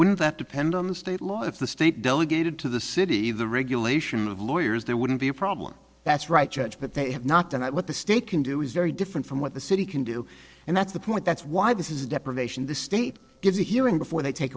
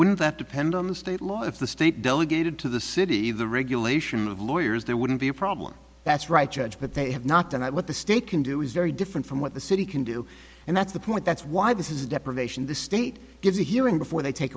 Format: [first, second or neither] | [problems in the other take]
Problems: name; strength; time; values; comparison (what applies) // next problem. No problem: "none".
second | noise reduction (neural separator model SepFormer DNS4)